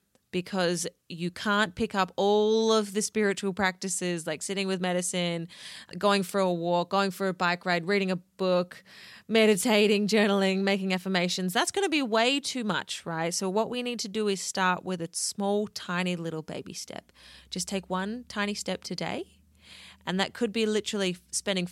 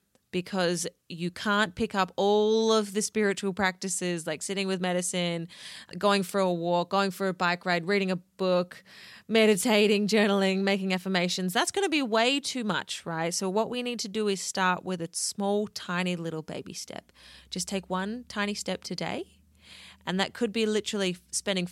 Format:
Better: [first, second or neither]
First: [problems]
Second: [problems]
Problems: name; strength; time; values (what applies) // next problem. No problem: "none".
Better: neither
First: none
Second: none